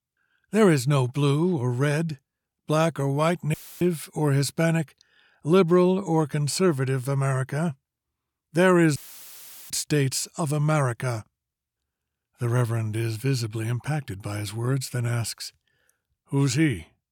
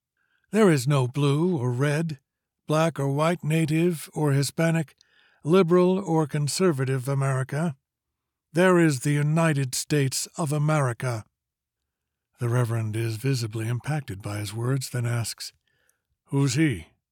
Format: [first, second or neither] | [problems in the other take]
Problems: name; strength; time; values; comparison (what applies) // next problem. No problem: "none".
second | audio cutting out; filled with static; at 3.5 s and at 9 s for 0.5 s